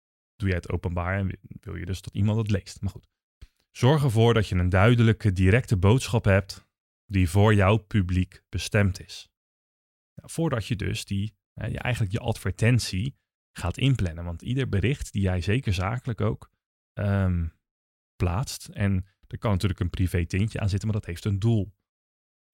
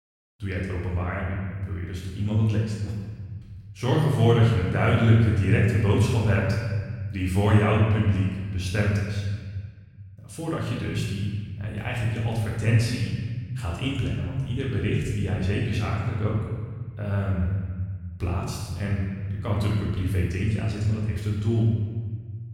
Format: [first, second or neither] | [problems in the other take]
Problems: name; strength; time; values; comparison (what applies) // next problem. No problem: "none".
first | off-mic speech; far // room echo; noticeable; dies away in 1.7 s